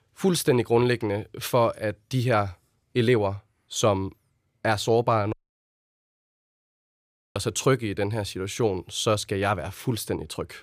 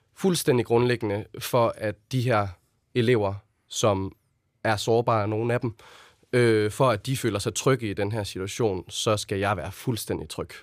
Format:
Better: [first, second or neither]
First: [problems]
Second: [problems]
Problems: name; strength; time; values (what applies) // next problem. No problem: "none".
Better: second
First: audio cutting out; at 5.5 s for 2 s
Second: none